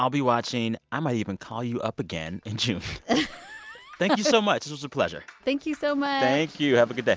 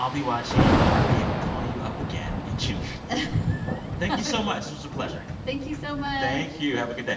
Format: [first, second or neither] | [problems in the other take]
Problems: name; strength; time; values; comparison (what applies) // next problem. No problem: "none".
first | background sound (Thunder / Rain); 3 dB above the speech // room echo; dies away in 0.8 s